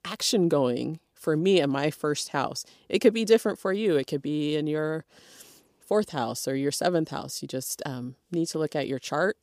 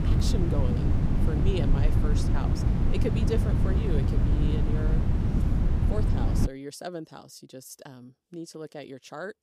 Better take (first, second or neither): first